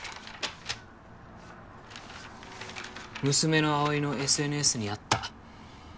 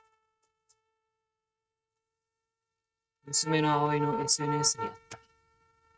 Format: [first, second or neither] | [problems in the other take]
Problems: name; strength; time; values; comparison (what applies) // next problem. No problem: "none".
first | noise reduction (neural mask model RNNoise)